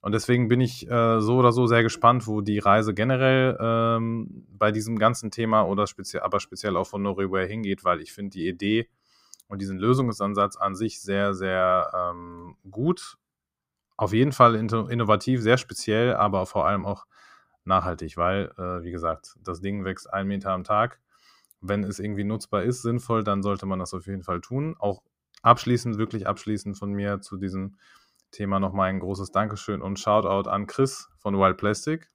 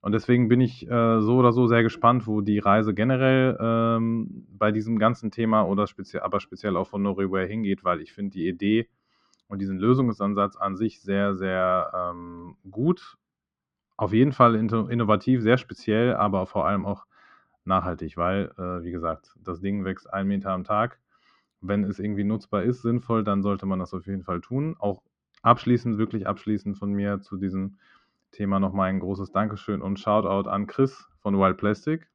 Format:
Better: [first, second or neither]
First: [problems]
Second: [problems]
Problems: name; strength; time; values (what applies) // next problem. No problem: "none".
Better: first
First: none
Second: muffled; slightly; fading above 3.5 kHz